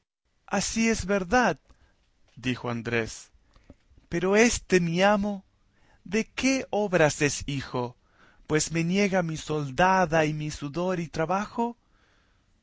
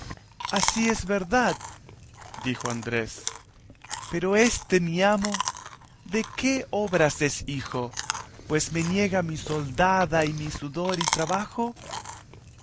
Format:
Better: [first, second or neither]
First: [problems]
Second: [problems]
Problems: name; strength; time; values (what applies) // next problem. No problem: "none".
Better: first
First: none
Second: background sound (Chewing, mastication); 9 dB below the speech